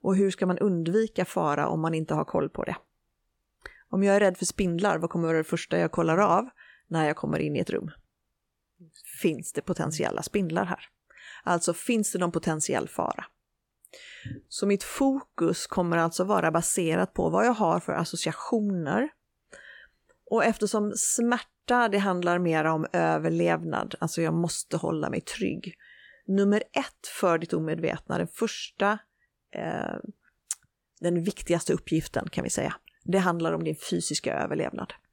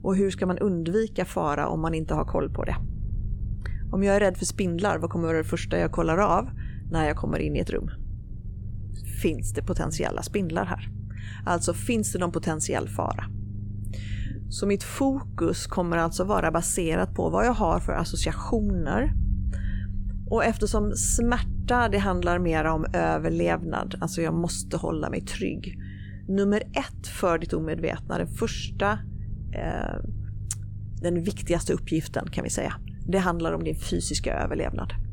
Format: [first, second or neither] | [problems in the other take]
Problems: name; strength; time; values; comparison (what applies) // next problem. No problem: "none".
first | low rumble; faint; throughout; 20 dB below the speech